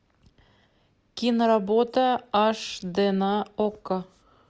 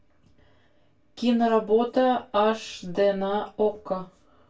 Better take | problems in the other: first | room echo; dies away in 0.2 s

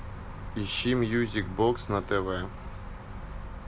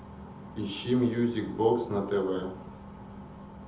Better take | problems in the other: first | room echo; dies away in 0.7 s

